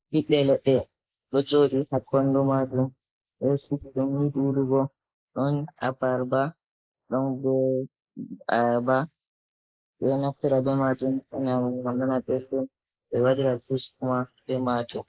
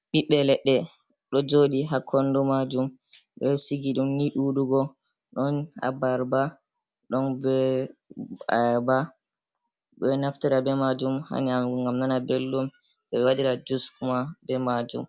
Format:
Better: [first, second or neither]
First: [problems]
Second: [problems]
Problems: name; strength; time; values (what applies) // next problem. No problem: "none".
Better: second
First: noise reduction (neural mask model Resemble Enhance denoiser)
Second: none